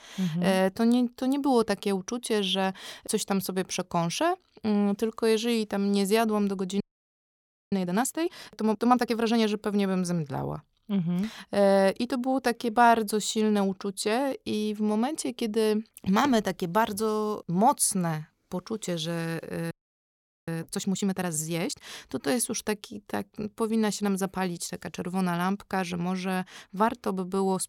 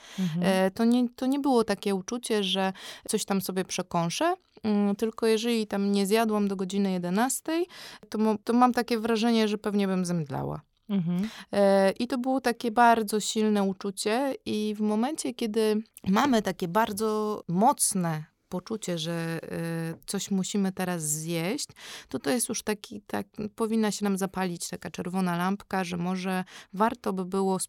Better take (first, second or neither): second